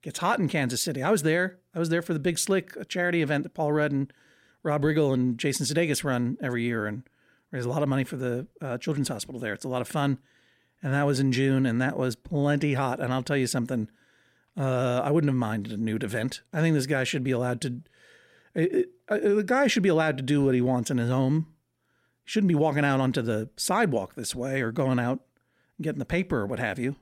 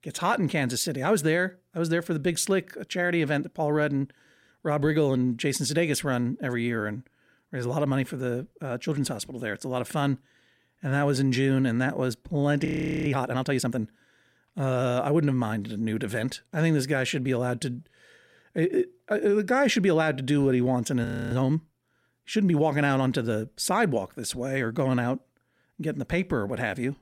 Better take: first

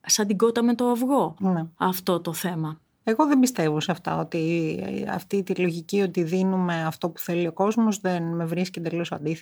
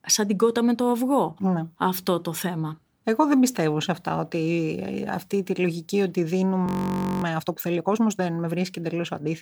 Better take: first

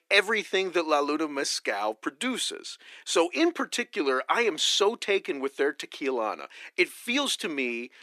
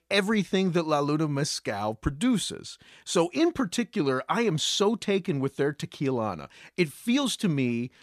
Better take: second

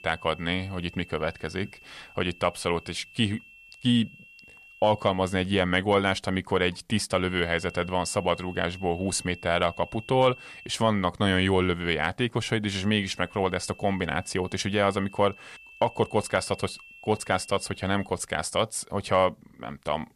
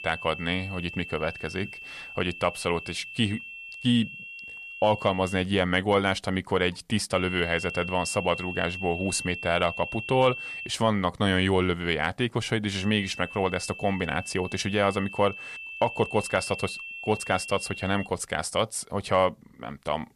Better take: first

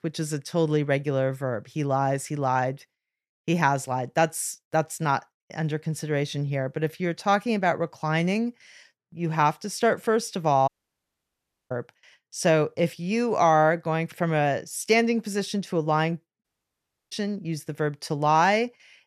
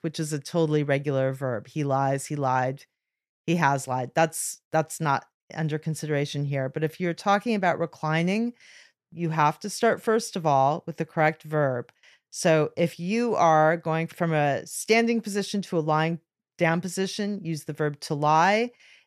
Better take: second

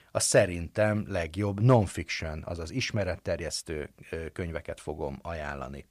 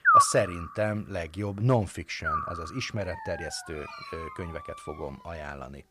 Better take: first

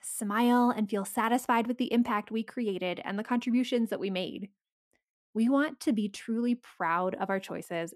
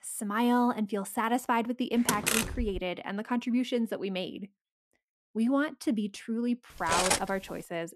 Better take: first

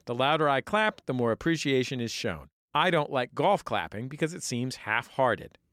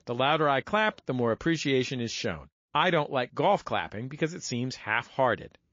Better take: first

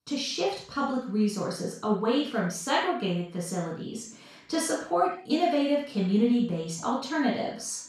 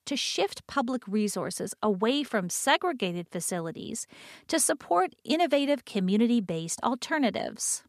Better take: second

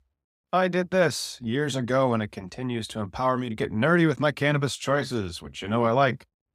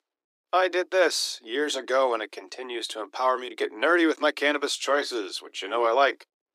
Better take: first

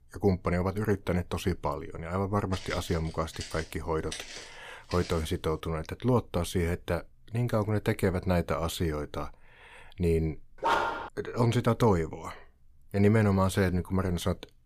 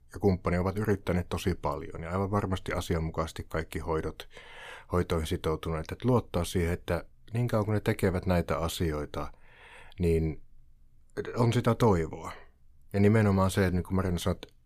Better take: second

